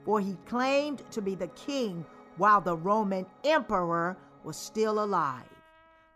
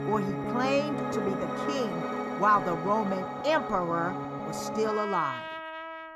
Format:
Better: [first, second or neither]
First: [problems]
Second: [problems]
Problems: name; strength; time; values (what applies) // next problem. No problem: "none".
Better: first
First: background music; faint; throughout; 25 dB below the speech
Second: background music; loud; throughout; 4 dB below the speech